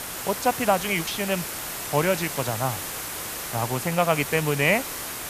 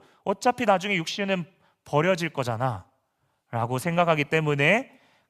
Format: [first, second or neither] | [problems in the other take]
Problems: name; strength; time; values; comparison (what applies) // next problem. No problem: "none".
second | hiss; loud; throughout; 6 dB below the speech